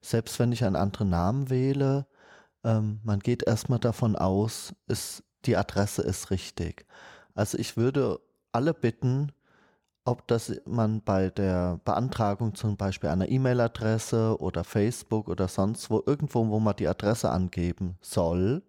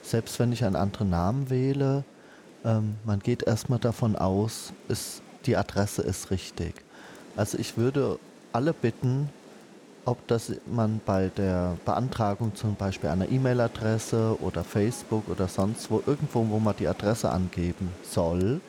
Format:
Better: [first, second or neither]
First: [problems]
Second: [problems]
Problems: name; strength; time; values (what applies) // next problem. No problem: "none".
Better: first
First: none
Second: rain or running water; noticeable; throughout; 20 dB below the speech